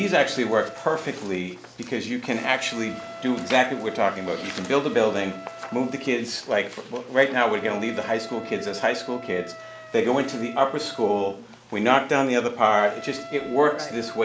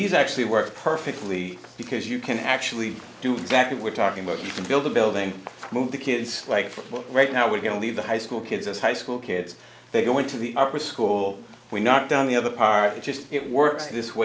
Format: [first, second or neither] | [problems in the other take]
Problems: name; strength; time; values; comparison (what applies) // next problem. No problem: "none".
second | background sound (Wind instrument, woodwind instrument); 16 dB below the speech